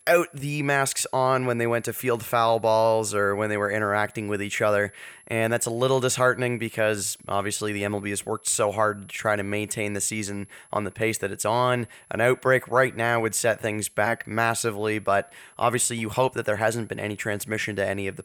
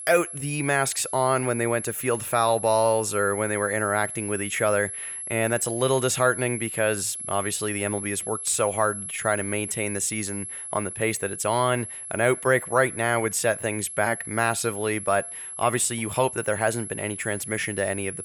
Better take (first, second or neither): first